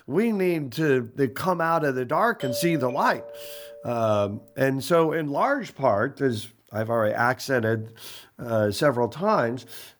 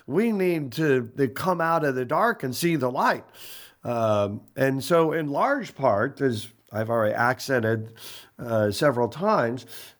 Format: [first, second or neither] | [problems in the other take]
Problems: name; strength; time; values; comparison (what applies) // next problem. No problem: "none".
second | doorbell; noticeable; from 2.5 to 4 s; peak 8 dB below the speech